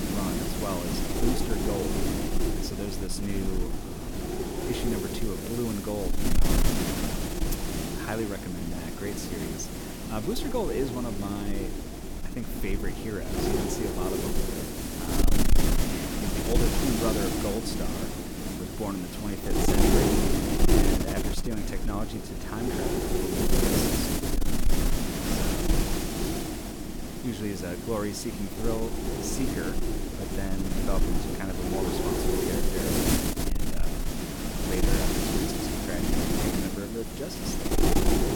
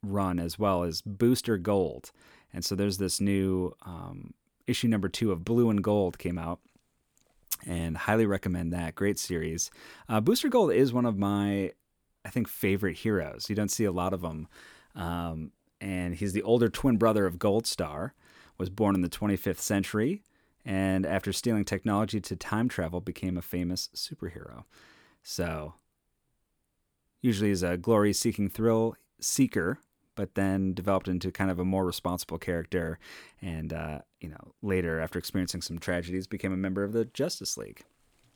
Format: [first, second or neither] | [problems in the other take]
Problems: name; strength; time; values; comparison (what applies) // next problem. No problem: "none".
second | wind noise on the microphone; heavy; 4 dB above the speech